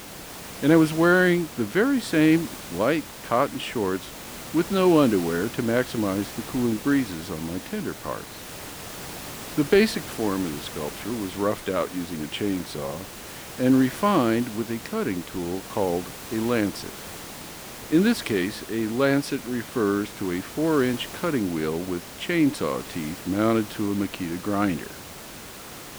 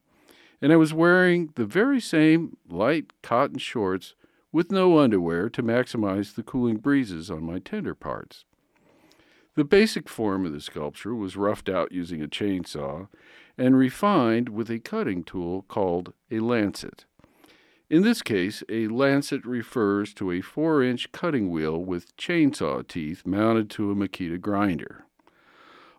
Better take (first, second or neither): second